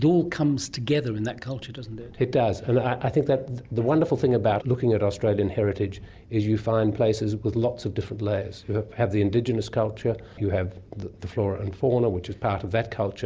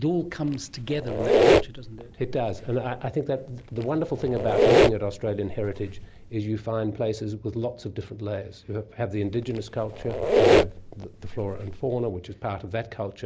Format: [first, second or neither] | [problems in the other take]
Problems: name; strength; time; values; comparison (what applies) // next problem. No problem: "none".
first | background sound (Squeak); 4 dB above the speech